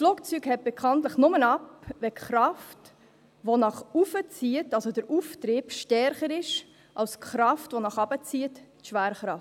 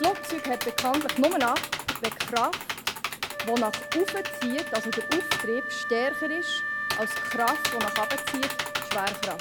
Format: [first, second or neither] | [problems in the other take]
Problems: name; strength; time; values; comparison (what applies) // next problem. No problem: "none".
first | background sound (Wind instrument, woodwind instrument + Computer keyboard); 2 dB below the speech